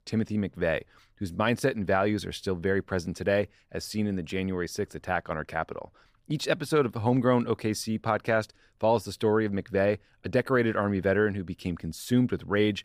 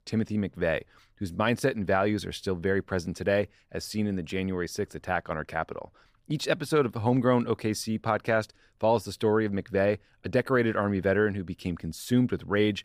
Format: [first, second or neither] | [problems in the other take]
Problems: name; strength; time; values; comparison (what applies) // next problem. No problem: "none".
neither | none